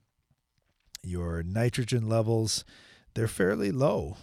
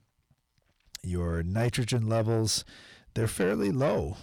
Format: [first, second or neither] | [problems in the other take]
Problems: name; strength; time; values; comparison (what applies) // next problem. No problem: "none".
first | distortion; slight; 10 dB below the speech